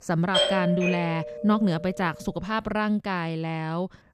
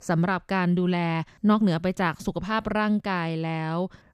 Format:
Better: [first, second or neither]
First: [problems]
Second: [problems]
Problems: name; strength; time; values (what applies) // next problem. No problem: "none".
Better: second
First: doorbell; loud; until 1.5 s; peak 4 dB above the speech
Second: none